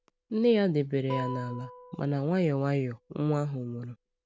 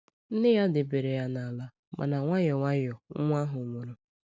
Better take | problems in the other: second | background sound (Guitar); 16 dB below the speech

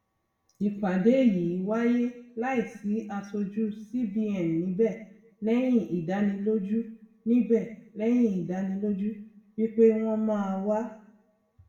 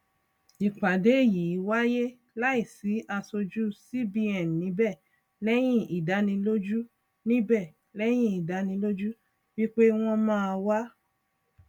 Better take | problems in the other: second | room echo; dies away in 0.7 s

